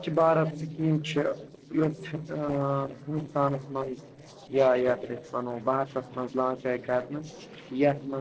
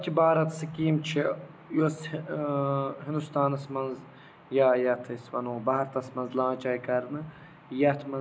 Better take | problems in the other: second | noise reduction (neural separator model SepFormer DNS4)

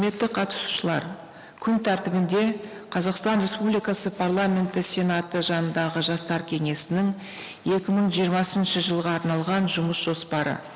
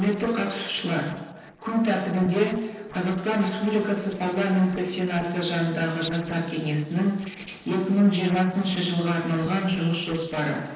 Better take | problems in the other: first | noise reduction (neural separator model SepFormer DNS4)

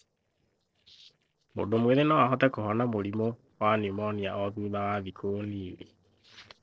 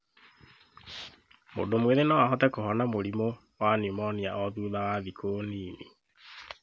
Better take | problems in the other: second | noise reduction (neural separator model SepFormer DNS4)

